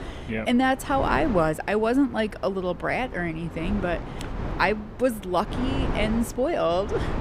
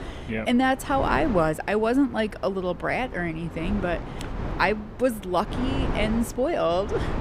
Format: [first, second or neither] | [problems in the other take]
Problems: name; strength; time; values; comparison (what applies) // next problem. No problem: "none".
neither | wind noise on the microphone; occasional gusts; 10 dB below the speech; the same in both